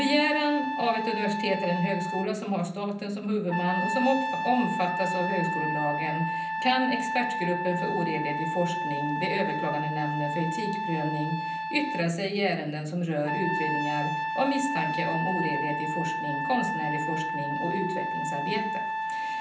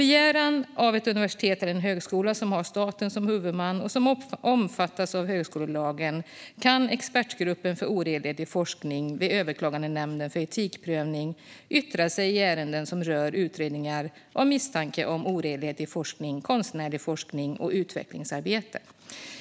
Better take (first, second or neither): second